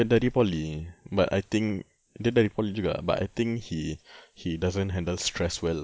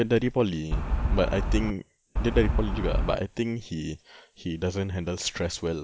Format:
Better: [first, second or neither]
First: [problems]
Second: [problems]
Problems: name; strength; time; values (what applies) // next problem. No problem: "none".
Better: first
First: none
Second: background sound (Wind); 3 dB above the speech